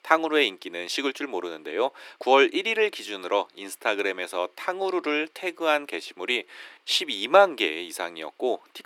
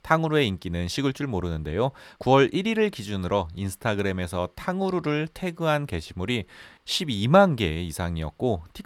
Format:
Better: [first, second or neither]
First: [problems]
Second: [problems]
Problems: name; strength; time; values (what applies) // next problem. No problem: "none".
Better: second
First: thin; somewhat; fading below 300 Hz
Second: none